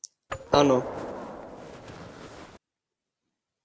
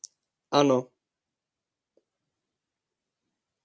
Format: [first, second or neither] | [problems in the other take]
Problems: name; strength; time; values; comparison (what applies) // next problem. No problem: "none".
second | background sound (Gunshot, gunfire); 3 dB below the speech